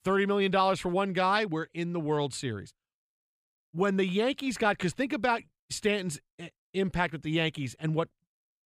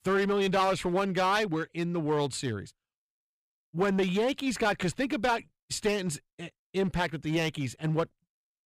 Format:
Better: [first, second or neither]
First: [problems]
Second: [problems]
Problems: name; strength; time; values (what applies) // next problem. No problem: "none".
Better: first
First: none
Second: distortion; slight; 7% of the sound clipped